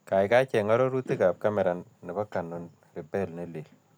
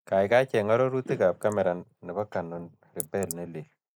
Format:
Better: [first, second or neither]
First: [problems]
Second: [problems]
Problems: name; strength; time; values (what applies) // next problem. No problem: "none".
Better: first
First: none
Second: noise reduction (neural mask model Resemble Enhance denoiser)